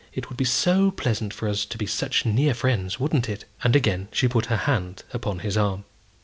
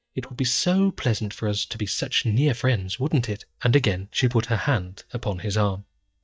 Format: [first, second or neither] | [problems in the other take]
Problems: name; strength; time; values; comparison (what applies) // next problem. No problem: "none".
first | noise reduction (neural mask model DeepFilterNet 3)